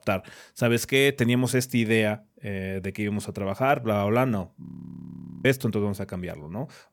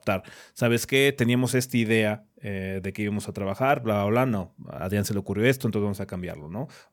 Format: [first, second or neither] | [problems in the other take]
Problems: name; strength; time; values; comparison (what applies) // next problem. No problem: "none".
second | audio freezing; at 4.5 s for 1 s